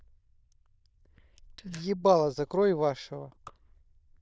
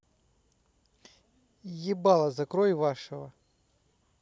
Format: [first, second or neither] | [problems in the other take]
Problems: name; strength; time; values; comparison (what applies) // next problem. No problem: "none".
second | noise reduction (neural diffusion model UNIVERSE++)